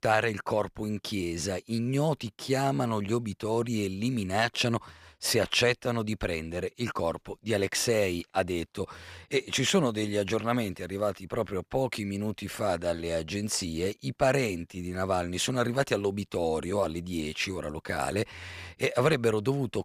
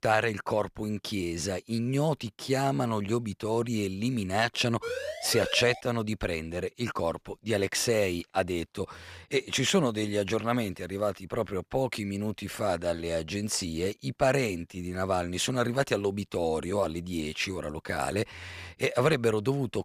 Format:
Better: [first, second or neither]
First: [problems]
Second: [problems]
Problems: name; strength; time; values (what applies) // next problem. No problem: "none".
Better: first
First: none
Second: siren; noticeable; at 5 s; peak 5 dB below the speech